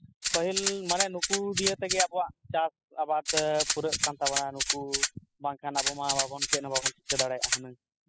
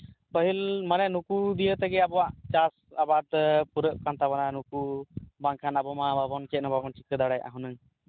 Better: second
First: noise reduction (classical method spectral subtraction)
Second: none

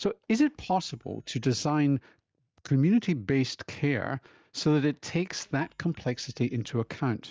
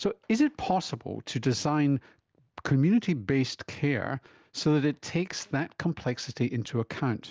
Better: second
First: noise reduction (neural mask model DeepFilterNet 3)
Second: none

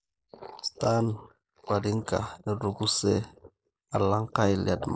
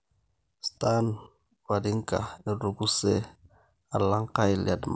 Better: second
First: noise reduction (neural mask model Resemble Enhance denoiser)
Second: none

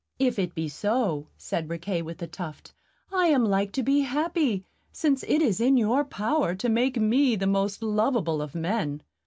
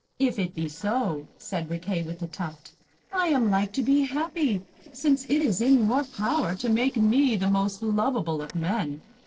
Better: first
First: none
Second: noise reduction (neural separator model SepFormer DNS4)

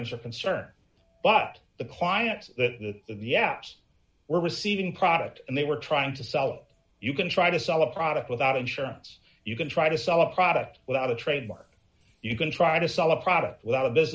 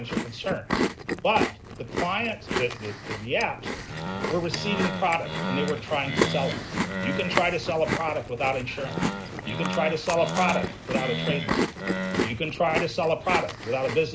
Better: first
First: none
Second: background sound (Animal + Chewing, mastication); 1 dB below the speech

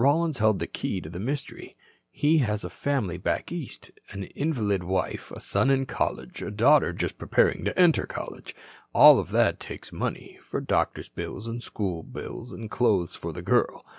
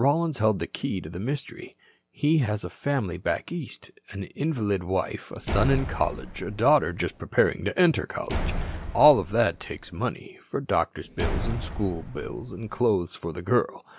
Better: first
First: none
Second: background sound (Slam); 6 dB below the speech

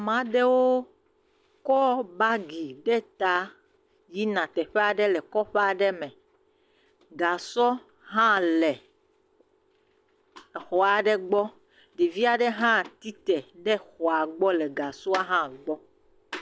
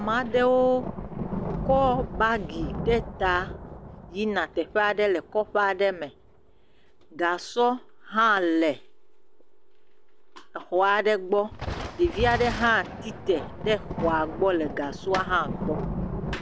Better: first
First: none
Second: background sound (Thunder); 9 dB below the speech

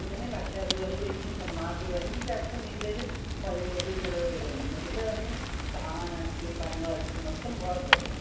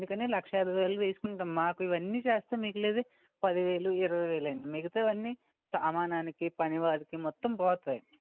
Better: second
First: background sound (Fire); 3 dB above the speech // room echo; dies away in 0.9 s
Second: none

